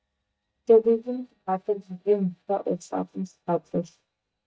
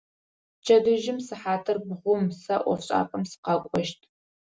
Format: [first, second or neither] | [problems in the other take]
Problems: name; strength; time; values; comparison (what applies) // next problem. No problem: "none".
second | noise reduction (neural mask model DeepFilterNet 3)